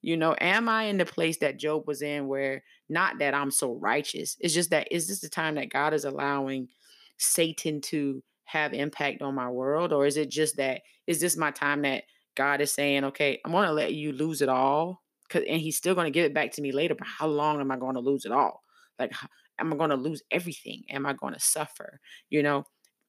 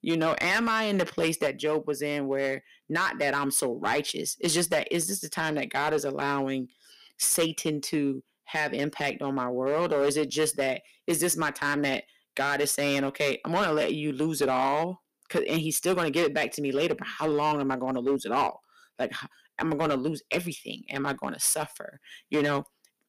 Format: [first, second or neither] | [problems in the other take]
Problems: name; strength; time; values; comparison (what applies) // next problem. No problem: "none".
first | distortion; slight; 5% of the sound clipped